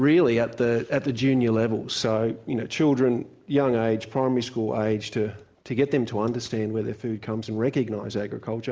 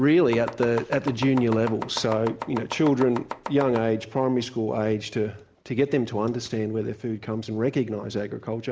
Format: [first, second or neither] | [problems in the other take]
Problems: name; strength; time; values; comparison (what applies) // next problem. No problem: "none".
first | background sound (Domestic sounds, home sounds); 11 dB below the speech